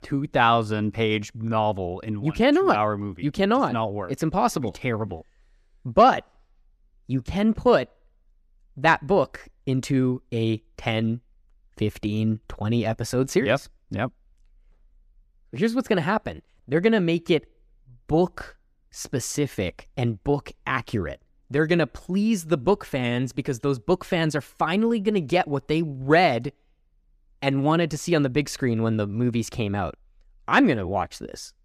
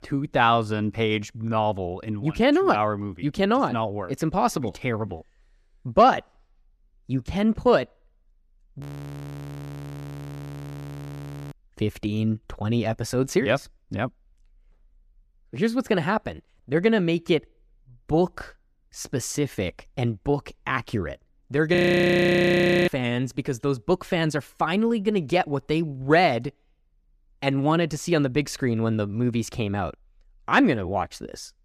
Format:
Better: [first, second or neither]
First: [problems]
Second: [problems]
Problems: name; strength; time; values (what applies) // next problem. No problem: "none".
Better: first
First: none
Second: audio freezing; at 9 s for 2.5 s and at 22 s for 1 s